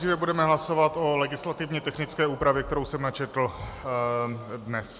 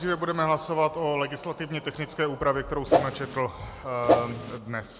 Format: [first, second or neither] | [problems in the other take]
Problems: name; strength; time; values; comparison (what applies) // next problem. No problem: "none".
first | background sound (Whoosh, swoosh, swish); 4 dB above the speech